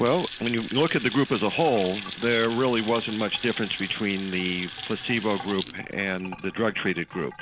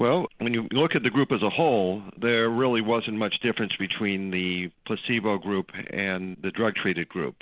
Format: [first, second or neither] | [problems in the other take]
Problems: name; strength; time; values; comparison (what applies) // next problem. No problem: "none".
second | background sound (Sink (filling or washing) / Water tap, faucet / Splash, splatter); 13 dB below the speech